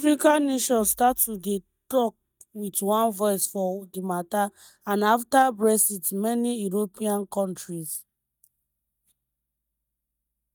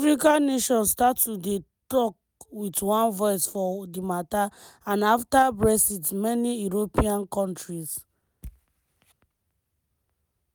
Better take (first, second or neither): second